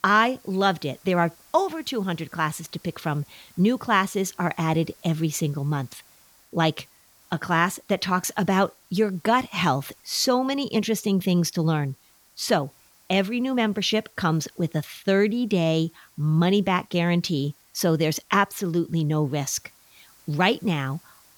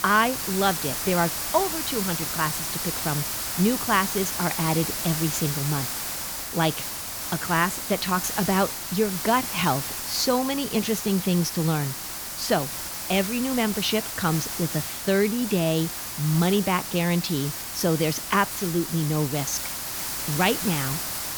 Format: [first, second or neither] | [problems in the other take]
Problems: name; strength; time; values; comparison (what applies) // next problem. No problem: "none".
first | hiss; loud; throughout; 3 dB below the speech; faint in the first